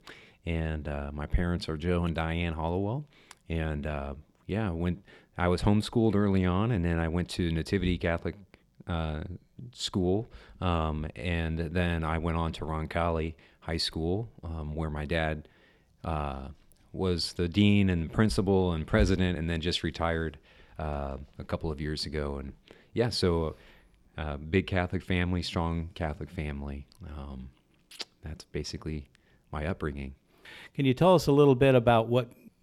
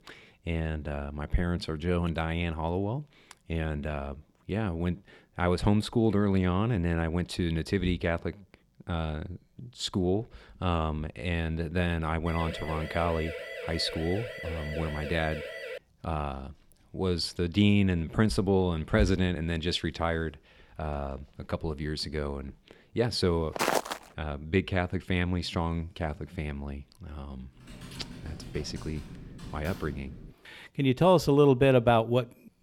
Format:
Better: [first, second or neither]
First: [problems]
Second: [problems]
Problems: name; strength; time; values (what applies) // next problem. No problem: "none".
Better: first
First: none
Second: siren; noticeable; from 12 to 16 s; peak 8 dB below the speech // footsteps; loud; at 24 s; peak 1 dB above the speech // keyboard typing; faint; from 28 to 30 s; peak 15 dB below the speech